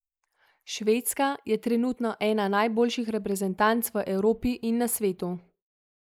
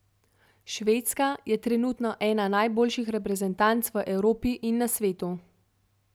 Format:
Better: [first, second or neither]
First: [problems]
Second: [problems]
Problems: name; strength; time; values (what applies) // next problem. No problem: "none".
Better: second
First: noise reduction (neural mask model Resemble Enhance denoiser)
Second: none